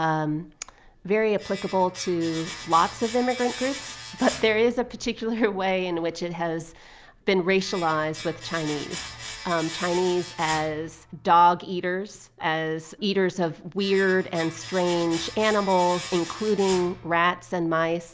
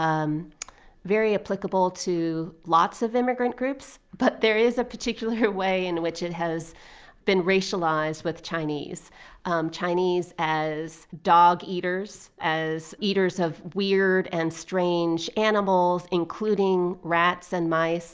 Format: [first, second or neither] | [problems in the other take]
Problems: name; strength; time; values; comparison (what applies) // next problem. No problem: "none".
second | background sound (Domestic sounds, home sounds); 15 dB below the speech